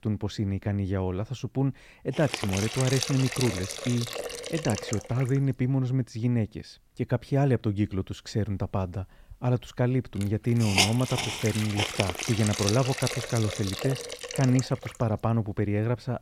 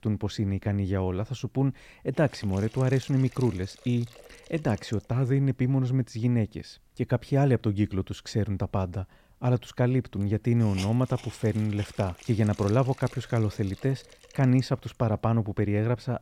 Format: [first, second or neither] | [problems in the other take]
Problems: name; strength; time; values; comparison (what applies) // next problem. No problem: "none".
second | hiss; loud; from 2.5 to 5.5 s and from 8 s on; 3 dB below the speech; faint in the second